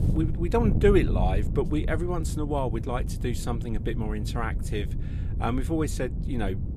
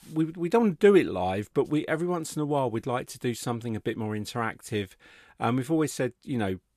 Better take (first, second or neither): second